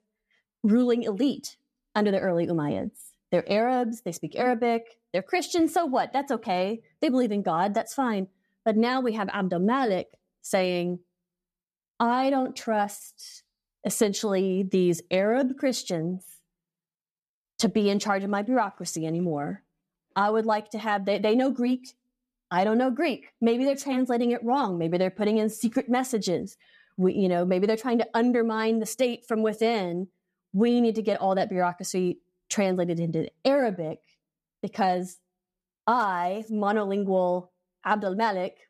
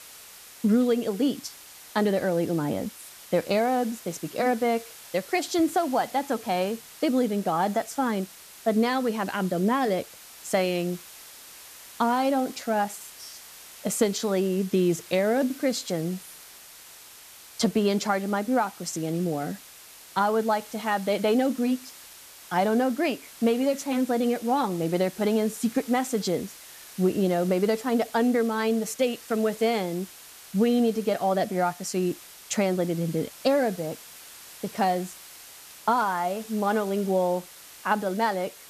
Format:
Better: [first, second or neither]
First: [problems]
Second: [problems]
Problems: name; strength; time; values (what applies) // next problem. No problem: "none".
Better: first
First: none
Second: hiss; noticeable; throughout; 15 dB below the speech